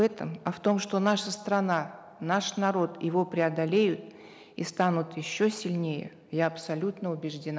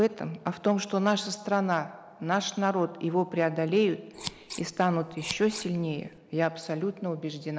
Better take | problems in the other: first | noise reduction (neural mask model Resemble Enhance denoiser)

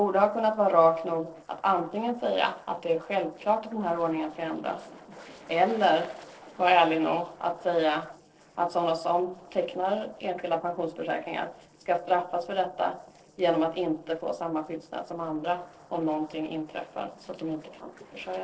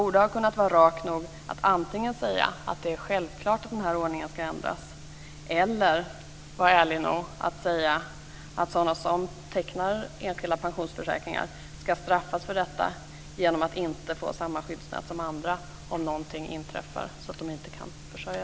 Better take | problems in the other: second | noise reduction (neural separator model SepFormer DNS4)

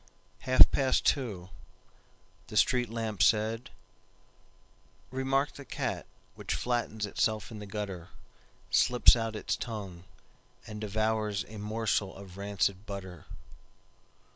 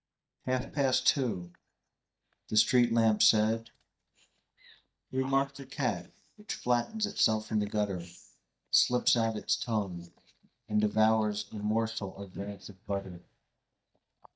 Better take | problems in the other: first | noise reduction (neural mask model DeepFilterNet 3)

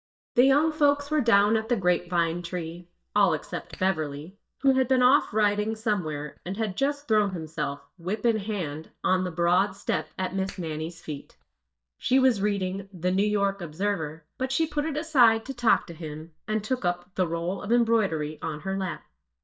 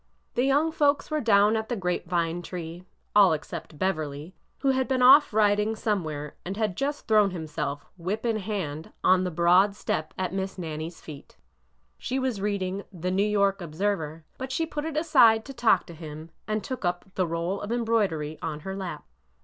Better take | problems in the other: second | noise reduction (neural mask model DeepFilterNet 3)

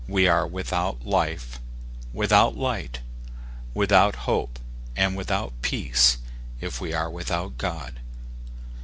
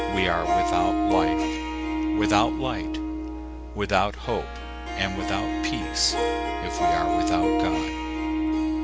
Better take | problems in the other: first | background sound (Harp); 3 dB above the speech

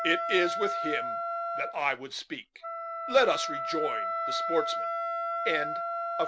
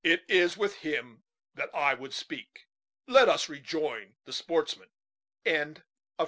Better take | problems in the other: second | background sound (Wind instrument, woodwind instrument); 1 dB below the speech

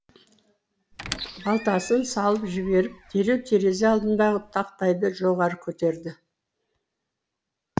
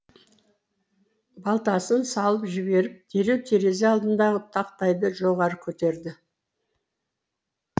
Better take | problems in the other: second | background sound (Squeak); 16 dB below the speech

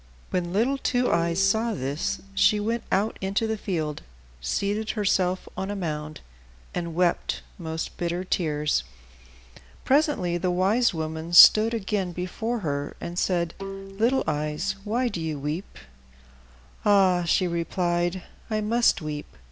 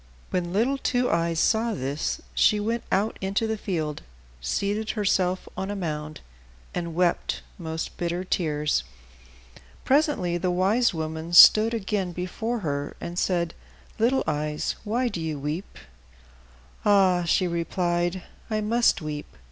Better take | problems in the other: second | background sound (Bowed string instrument); 16 dB below the speech

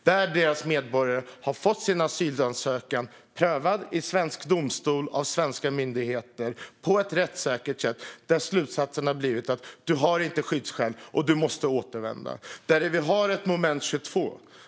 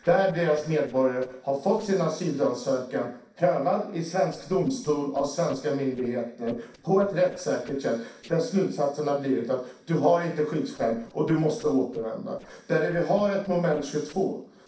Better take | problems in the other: first | noise reduction (neural separator model SepFormer DNS4)

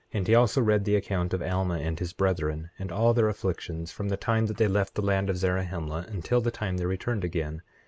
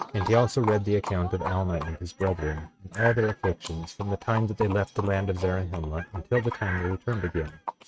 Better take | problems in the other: first | noise reduction (neural mask model RNNoise)

